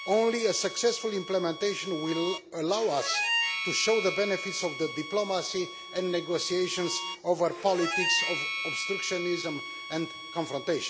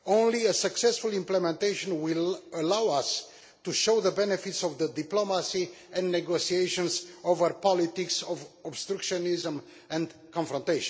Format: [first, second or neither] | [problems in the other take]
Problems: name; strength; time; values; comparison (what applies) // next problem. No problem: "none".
second | background sound (Harmonica); 5 dB below the speech